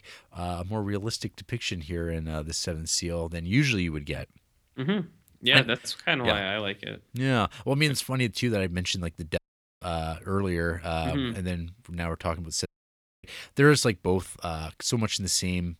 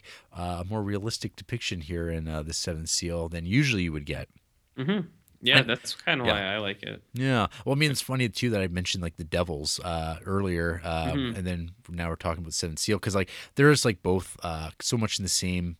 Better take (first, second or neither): second